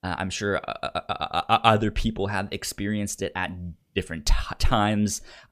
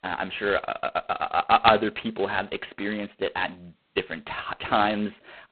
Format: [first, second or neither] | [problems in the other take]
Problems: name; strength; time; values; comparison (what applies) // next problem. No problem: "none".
first | phone-call audio; poor line; nothing above 4 kHz